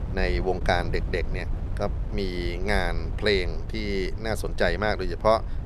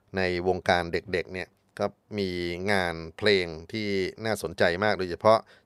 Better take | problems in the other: second | wind noise on the microphone; occasional gusts; 20 dB below the speech

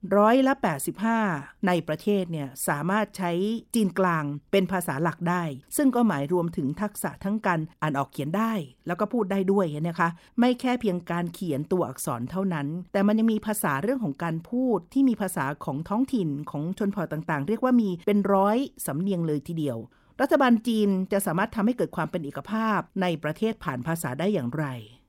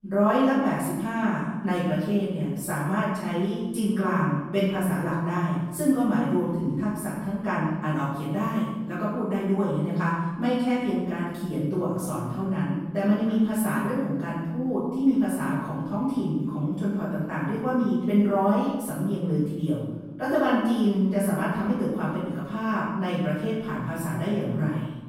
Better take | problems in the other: first | off-mic speech; far // room echo; strong; dies away in 1.1 s

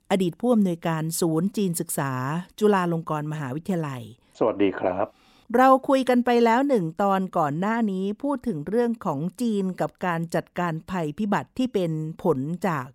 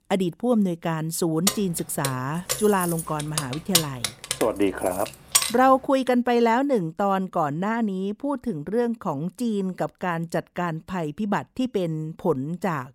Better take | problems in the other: first | jangling keys; loud; from 1.5 to 5.5 s; peak 4 dB above the speech

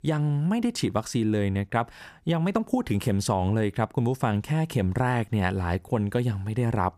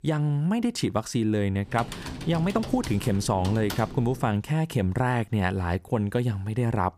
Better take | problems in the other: first | keyboard typing; noticeable; from 1.5 to 4.5 s; peak 9 dB below the speech

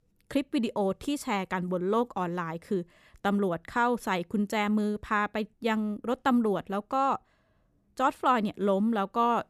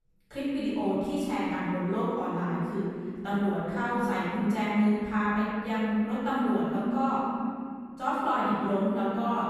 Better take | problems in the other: first | off-mic speech; far // room echo; strong; dies away in 2.8 s

